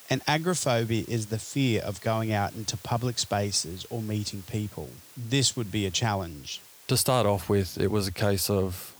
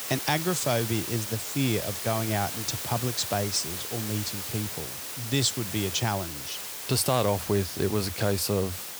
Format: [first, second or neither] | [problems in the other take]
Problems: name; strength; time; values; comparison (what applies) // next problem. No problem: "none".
first | hiss; loud; throughout; 5 dB below the speech; faint in the first